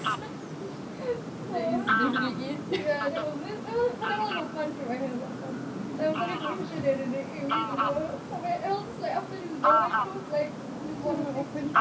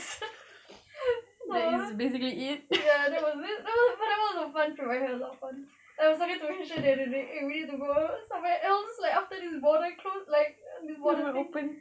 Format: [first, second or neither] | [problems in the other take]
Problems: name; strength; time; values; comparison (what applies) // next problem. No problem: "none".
second | background sound (Fowl); as loud as the speech // room echo; dies away in 0.5 s